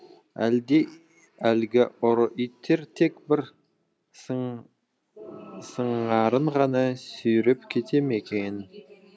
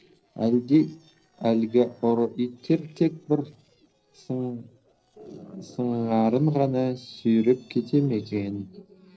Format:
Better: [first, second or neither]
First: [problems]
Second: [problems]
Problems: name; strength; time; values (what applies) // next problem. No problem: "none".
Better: first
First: none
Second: noise reduction (neural separator model SepFormer DNS4)